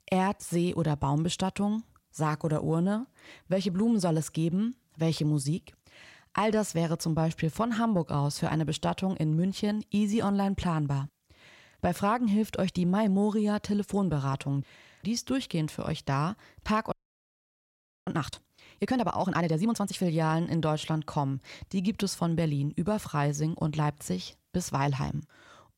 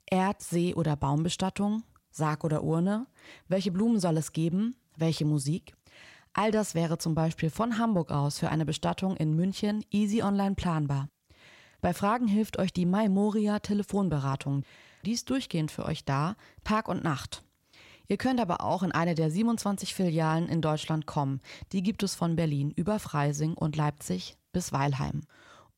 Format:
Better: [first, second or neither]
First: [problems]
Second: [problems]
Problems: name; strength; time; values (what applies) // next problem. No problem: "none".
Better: second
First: audio freezing; at 17 s for 1 s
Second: none